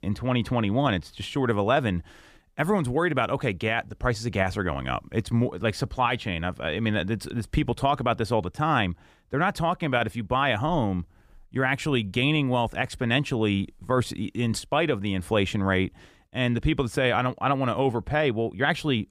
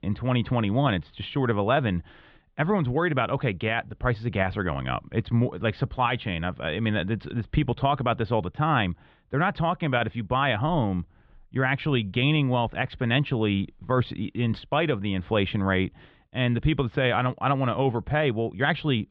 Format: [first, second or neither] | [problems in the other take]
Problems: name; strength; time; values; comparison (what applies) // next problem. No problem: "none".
first | muffled; slightly; fading above 3.5 kHz